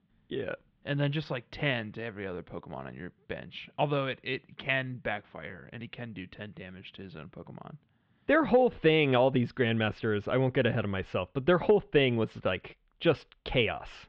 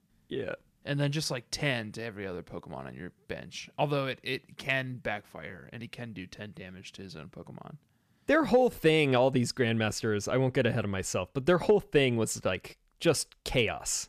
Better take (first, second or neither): second